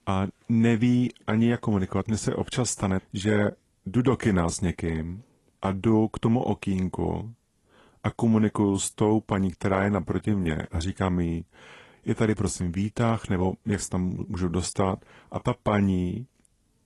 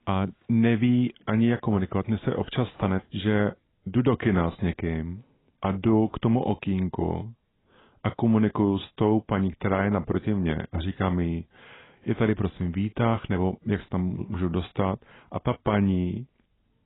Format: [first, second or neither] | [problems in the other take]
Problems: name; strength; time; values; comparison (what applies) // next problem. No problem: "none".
first | garbled, watery; badly; nothing above 3.5 kHz; slightly in the first